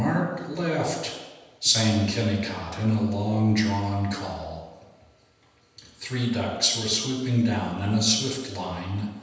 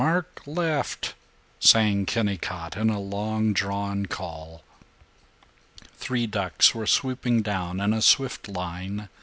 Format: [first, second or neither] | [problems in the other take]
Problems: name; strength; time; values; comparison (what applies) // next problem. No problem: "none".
second | room echo; dies away in 1.1 s